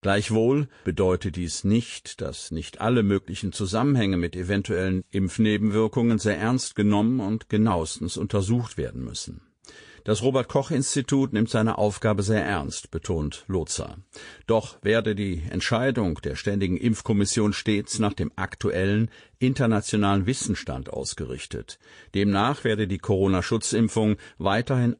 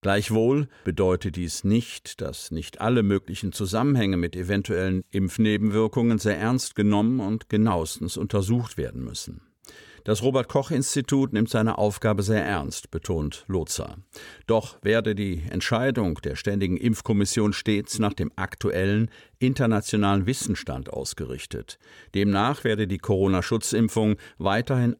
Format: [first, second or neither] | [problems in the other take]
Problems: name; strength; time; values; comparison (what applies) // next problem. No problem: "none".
second | garbled, watery; slightly; nothing above 10 kHz